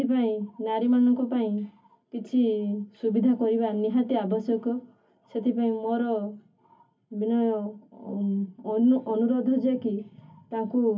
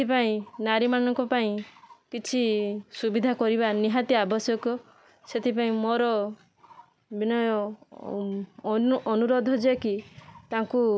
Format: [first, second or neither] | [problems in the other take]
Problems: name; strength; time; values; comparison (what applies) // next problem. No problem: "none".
second | room echo; dies away in 0.3 s